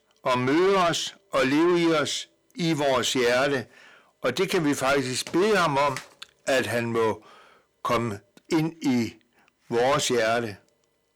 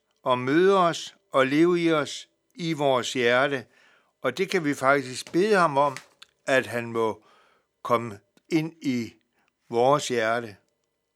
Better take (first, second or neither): second